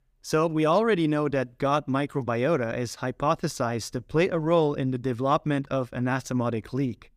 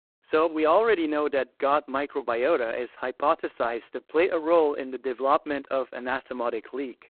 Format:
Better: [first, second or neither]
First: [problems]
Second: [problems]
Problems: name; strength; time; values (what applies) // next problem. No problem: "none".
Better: first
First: none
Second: phone-call audio; poor line; nothing above 4 kHz